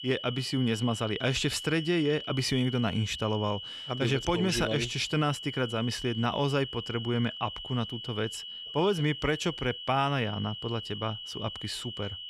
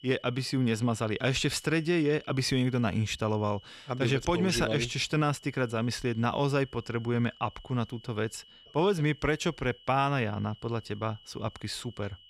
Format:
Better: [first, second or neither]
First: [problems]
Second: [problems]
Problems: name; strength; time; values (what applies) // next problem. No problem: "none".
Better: second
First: high-pitched whine; loud; throughout; 3 kHz, 8 dB below the speech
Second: high-pitched whine; faint; throughout; 3 kHz, 25 dB below the speech